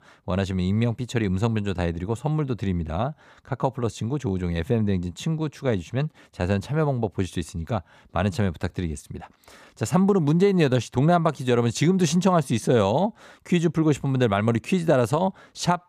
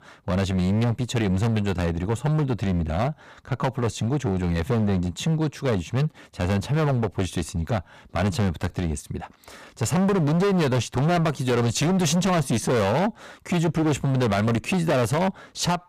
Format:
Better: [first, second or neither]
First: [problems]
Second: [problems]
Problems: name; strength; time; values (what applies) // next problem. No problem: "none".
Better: first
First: none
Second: distortion; heavy; 21% of the sound clipped